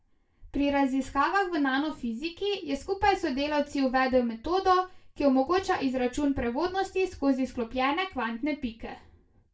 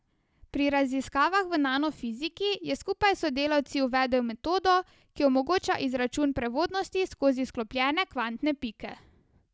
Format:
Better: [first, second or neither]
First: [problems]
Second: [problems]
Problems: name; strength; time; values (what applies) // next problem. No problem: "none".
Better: second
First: room echo; dies away in 0.2 s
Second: none